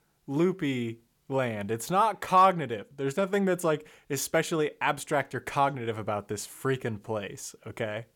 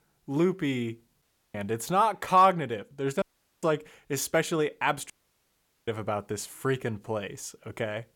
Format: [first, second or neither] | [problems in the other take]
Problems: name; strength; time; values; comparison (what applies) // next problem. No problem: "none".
first | audio cutting out; at 1 s, at 3 s and at 5 s for 1 s